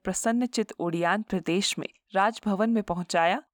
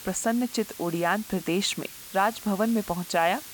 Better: first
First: none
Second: hiss; noticeable; throughout; 15 dB below the speech

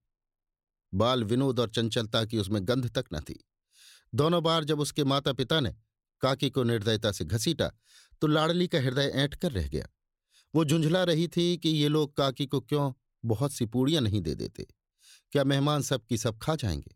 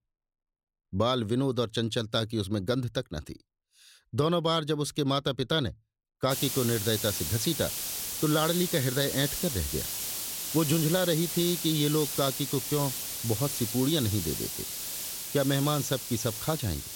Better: first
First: none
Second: hiss; loud; from 6.5 s on; 3 dB below the speech

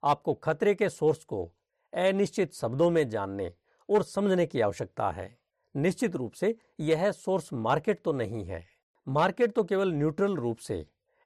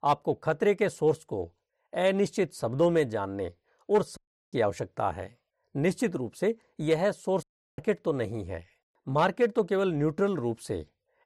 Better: first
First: none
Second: audio cutting out; at 4 s and at 7.5 s

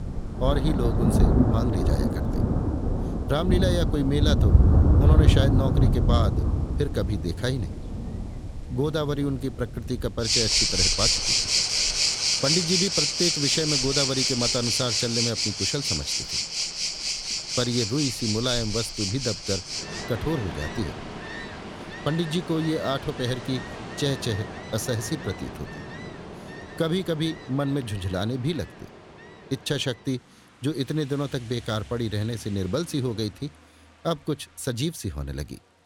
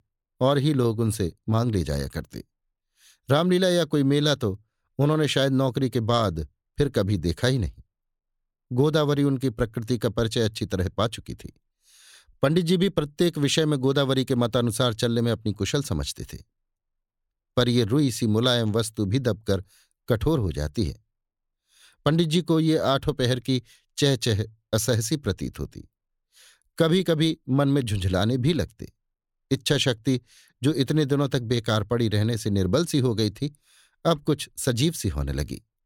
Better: second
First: rain or running water; very loud; throughout; 5 dB above the speech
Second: none

